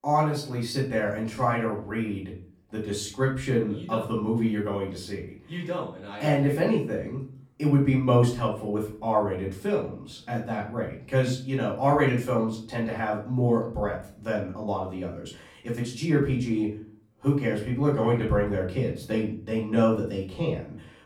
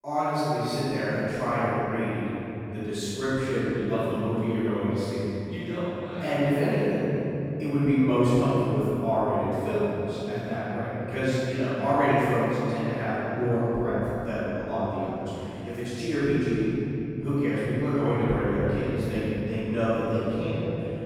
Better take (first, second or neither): first